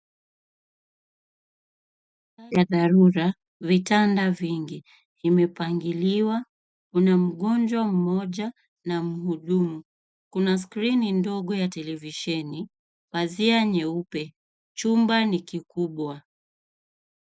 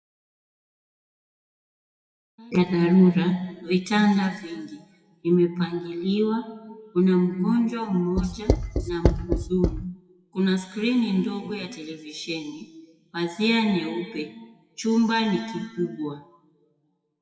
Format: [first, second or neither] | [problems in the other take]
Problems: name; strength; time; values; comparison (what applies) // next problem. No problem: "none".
first | noise reduction (classical method WPE with log-MMSE)